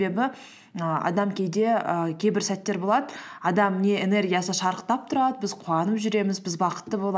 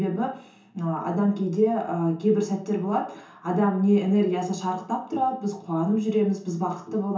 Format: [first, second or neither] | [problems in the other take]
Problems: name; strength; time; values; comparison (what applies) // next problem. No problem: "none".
first | room echo; dies away in 0.6 s